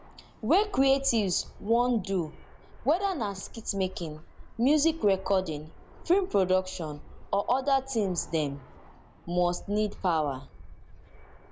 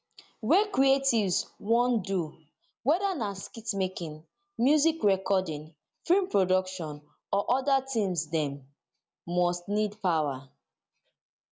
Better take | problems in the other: second | background sound (Fixed-wing aircraft, airplane); 15 dB below the speech

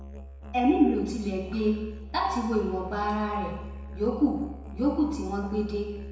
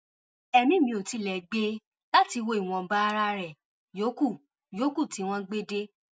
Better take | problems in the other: second | background sound (Musical instrument); 12 dB below the speech // room echo; dies away in 1 s

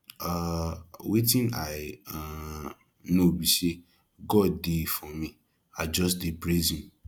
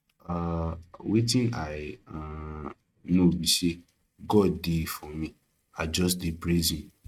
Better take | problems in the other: first | noise reduction (neural mask model RNNoise)

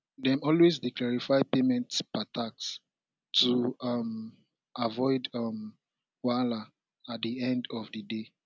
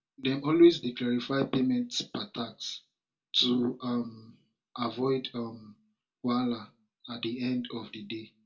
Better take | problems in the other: first | room echo; dies away in 0.2 s

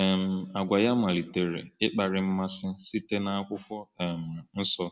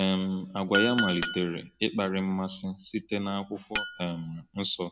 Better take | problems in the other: first | background sound (Chink, clink); 7 dB below the speech

